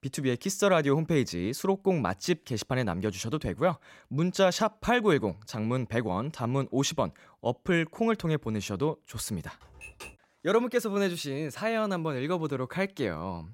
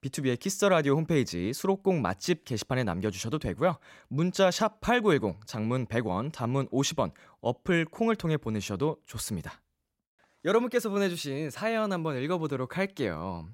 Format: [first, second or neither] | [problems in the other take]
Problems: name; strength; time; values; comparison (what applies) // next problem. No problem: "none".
second | keyboard typing; faint; at 9.5 s; peak 15 dB below the speech